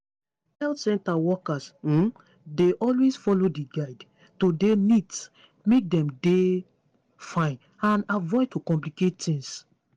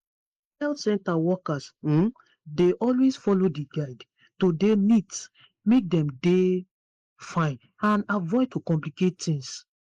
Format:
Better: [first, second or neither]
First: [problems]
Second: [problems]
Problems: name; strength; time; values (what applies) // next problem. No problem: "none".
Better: first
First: none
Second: noise reduction (neural mask model Resemble Enhance denoiser)